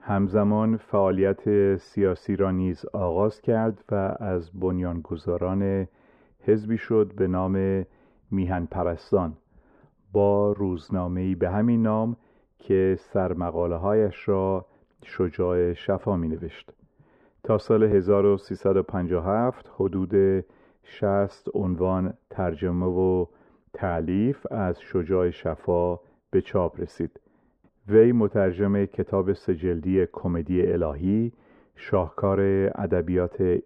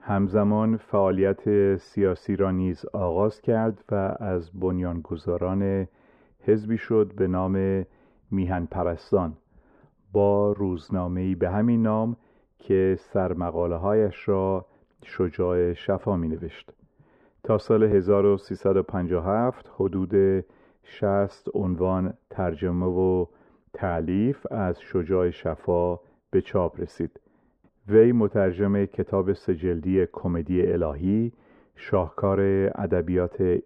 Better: neither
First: muffled; very; fading above 2.5 kHz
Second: muffled; very; fading above 2.5 kHz

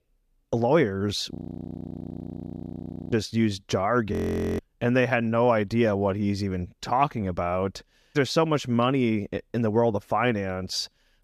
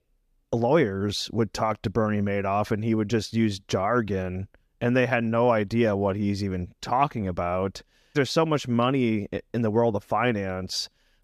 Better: second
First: audio freezing; at 1.5 s for 2 s and at 4 s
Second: none

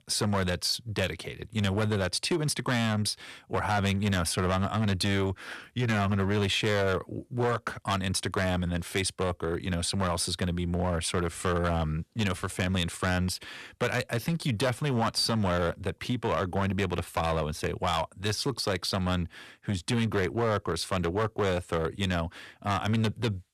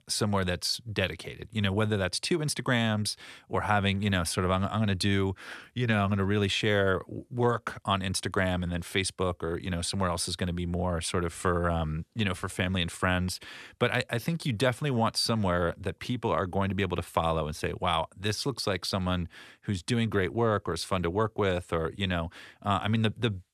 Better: second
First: distortion; slight; 8% of the sound clipped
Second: none

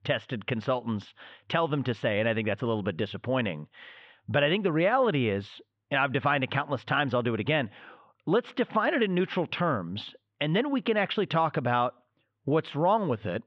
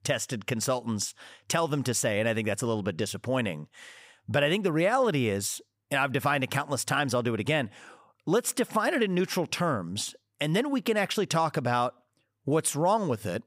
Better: second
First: muffled; very; fading above 3.5 kHz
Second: none

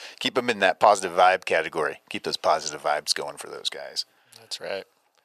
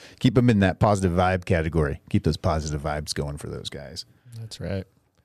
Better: second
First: thin; very; fading below 700 Hz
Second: none

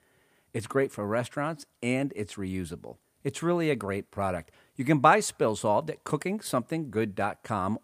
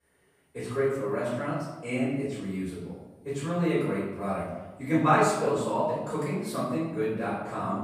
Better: first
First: none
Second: off-mic speech; far // room echo; strong; dies away in 0.9 s

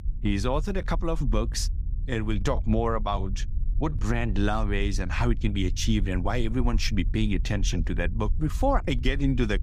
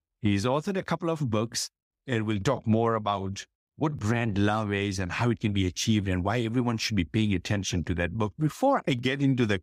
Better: second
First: low rumble; faint; throughout; 20 dB below the speech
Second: none

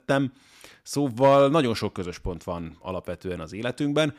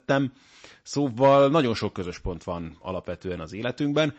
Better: first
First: none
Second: garbled, watery; slightly; nothing above 7.5 kHz

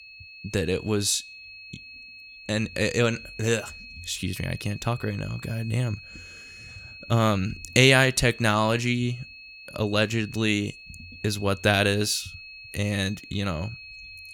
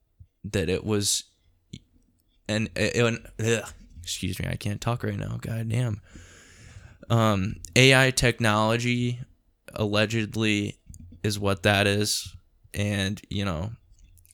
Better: second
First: high-pitched whine; noticeable; throughout; 2.5 kHz, 15 dB below the speech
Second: none

